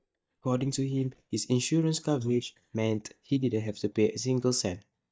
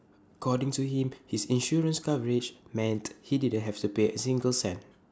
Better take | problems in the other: second | noise reduction (neural mask model DeepFilterNet 3)

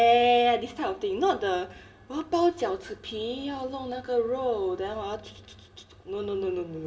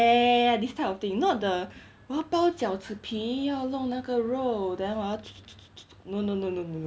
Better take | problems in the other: second | room echo; dies away in 2.2 s

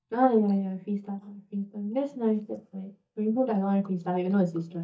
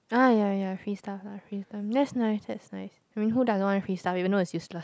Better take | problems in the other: second | noise reduction (neural mask model DeepFilterNet 3)

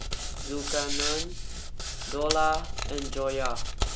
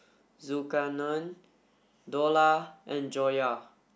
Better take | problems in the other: second | background sound (Hands); 1 dB above the speech

